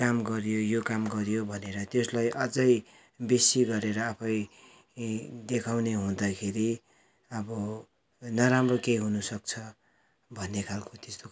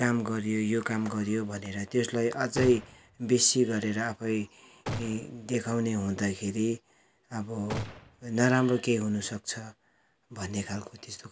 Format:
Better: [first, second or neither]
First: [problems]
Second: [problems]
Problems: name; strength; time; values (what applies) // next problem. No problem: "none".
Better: first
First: none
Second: background sound (Gunshot, gunfire); 11 dB below the speech